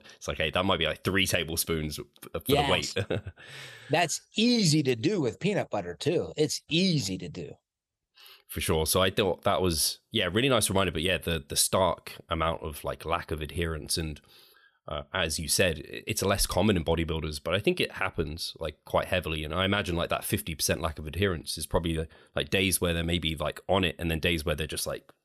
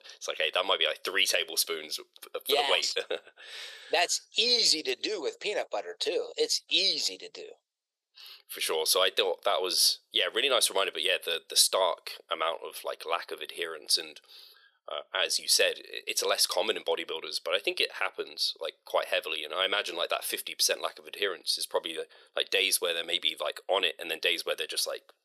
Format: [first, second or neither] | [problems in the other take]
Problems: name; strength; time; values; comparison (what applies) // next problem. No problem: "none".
first | thin; very; fading below 450 Hz